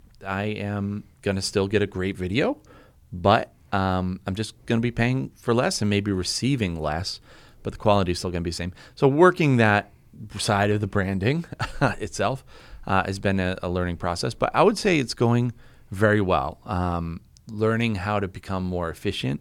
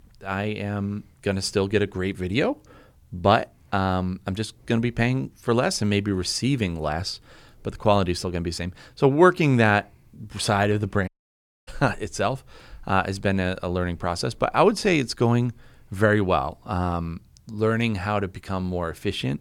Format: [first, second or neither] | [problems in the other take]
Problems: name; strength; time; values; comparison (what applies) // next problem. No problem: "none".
first | audio cutting out; at 11 s for 0.5 s